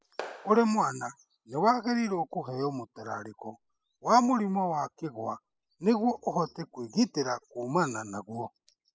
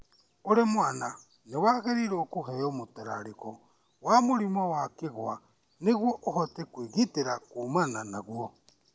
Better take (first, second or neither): second